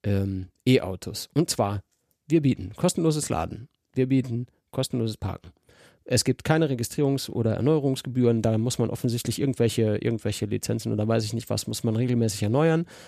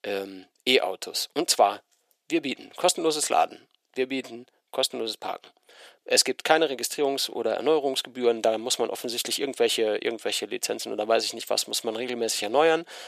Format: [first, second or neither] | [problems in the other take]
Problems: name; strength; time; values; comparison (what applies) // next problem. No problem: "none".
first | thin; very; fading below 450 Hz